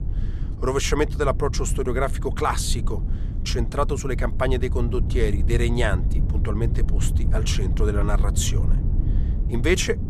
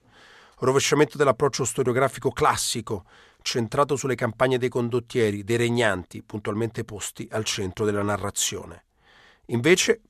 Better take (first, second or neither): second